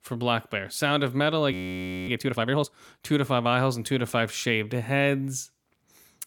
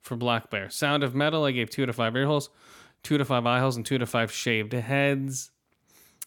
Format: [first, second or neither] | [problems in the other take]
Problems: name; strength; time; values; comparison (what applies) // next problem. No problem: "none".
second | audio freezing; at 1.5 s for 0.5 s